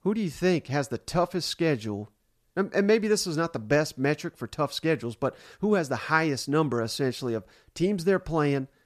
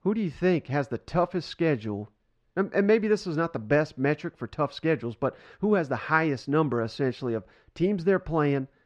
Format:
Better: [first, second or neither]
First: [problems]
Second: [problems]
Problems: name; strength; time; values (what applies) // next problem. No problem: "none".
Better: first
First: none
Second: muffled; slightly; fading above 3 kHz